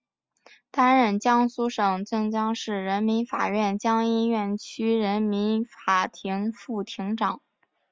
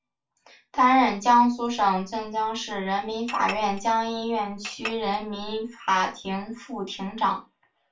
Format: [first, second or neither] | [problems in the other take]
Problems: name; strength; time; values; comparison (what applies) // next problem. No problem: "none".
first | background sound (Chink, clink); 14 dB below the speech // room echo; dies away in 0.3 s